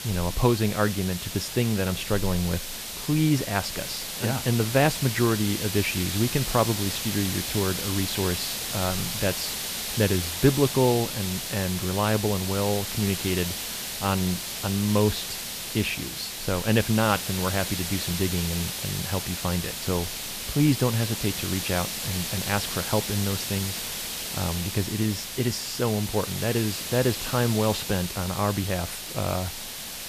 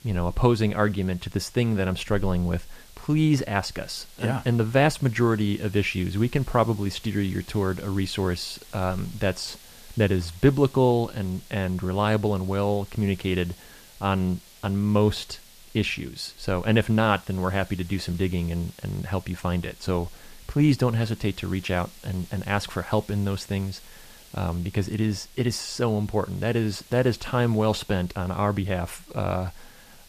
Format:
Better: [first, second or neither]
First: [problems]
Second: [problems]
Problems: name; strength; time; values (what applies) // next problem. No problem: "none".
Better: second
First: hiss; loud; throughout; 4 dB below the speech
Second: hiss; faint; throughout; 25 dB below the speech